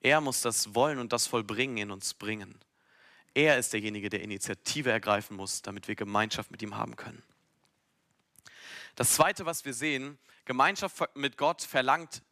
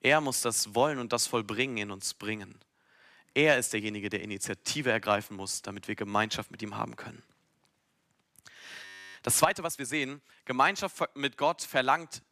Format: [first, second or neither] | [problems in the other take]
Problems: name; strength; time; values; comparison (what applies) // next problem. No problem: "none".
first | audio freezing; at 9 s